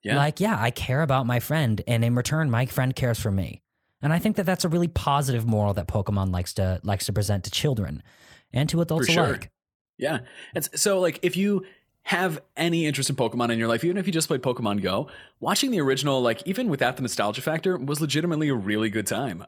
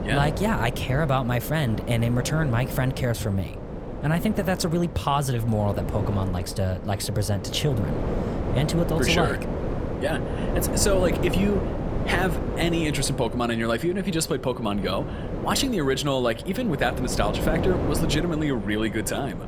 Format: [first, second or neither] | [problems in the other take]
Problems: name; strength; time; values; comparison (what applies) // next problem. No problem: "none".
first | wind noise on the microphone; heavy; 7 dB below the speech